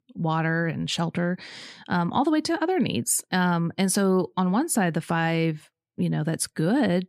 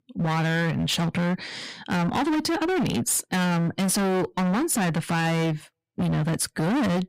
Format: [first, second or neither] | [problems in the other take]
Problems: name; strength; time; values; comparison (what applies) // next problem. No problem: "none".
first | distortion; heavy; 35% of the sound clipped